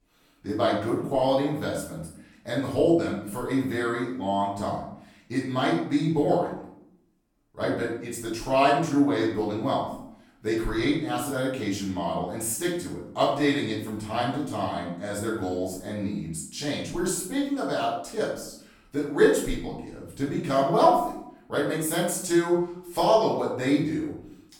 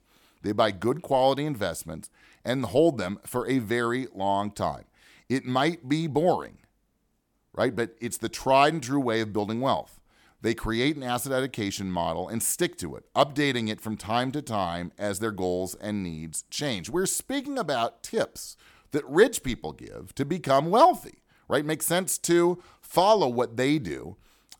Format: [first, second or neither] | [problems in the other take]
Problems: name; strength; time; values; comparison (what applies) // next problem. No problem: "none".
second | room echo; noticeable; dies away in 0.6 s // off-mic speech; far